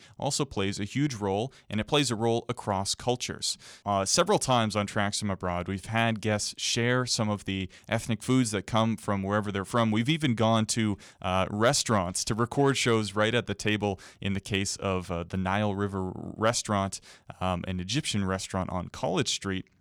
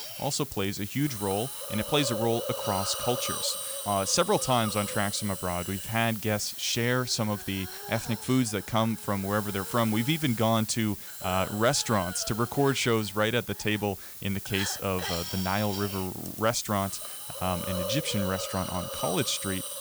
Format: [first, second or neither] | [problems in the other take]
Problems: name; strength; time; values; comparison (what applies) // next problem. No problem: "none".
first | hiss; loud; throughout; 6 dB below the speech